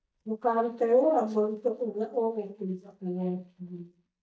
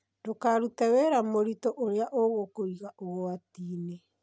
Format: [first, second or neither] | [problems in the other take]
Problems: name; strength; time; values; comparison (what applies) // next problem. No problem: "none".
second | noise reduction (neural mask model DeepFilterNet 3)